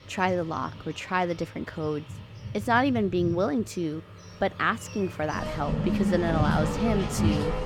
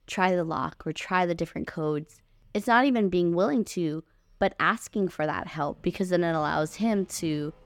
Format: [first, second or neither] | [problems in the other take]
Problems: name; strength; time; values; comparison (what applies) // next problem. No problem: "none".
second | traffic noise; loud; throughout; 2 dB below the speech; faint in the second